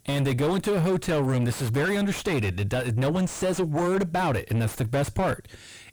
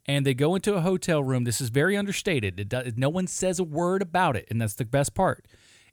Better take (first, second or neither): second